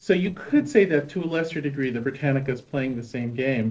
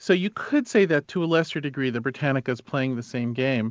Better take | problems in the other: second | noise reduction (neural separator model SepFormer DNS4)

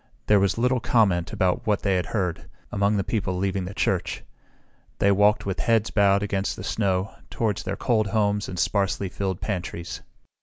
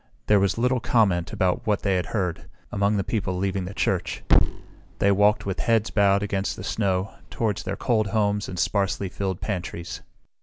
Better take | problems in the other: first | background sound (Thump, thud); 7 dB below the speech

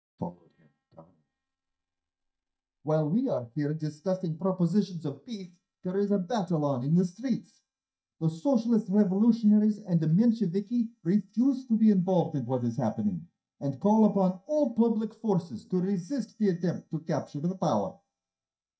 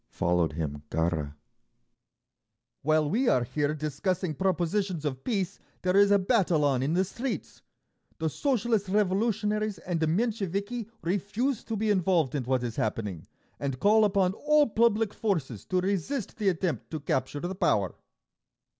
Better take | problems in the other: second | noise reduction (neural mask model DeepFilterNet 3)

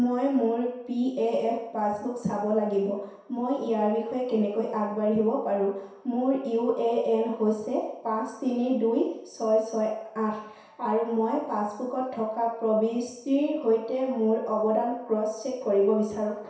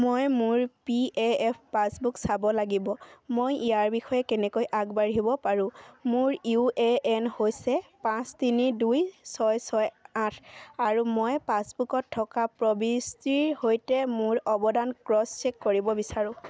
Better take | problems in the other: second | room echo; dies away in 0.7 s

